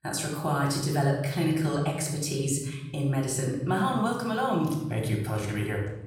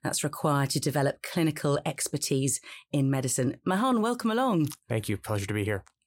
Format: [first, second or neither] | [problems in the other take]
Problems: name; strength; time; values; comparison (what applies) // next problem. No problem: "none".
second | off-mic speech; far // room echo; noticeable; dies away in 1.3 s